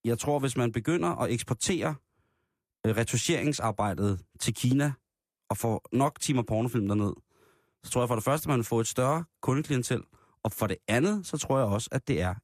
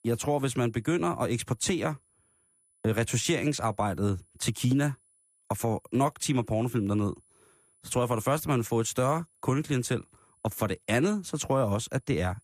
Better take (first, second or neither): first